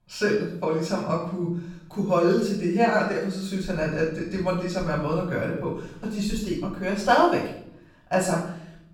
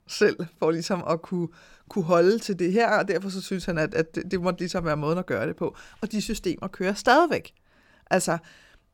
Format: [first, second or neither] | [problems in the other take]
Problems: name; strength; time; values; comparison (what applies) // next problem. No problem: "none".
second | off-mic speech; far // room echo; noticeable; dies away in 0.6 s